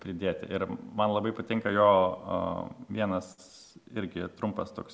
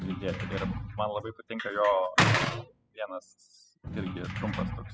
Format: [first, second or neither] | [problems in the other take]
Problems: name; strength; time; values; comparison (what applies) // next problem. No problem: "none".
first | noise reduction (classical method spectral subtraction)